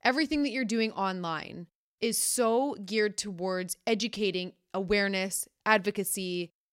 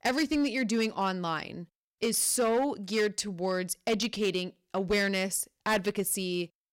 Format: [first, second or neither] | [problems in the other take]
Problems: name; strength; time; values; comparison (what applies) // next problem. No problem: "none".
first | distortion; slight; 6% of the sound clipped